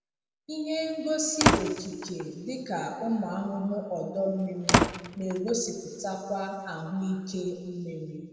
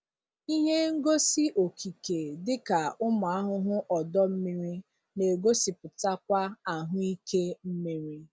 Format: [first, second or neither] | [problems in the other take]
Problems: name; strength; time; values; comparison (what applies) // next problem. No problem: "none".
second | background sound (Slam); 2 dB above the speech // room echo; dies away in 2.2 s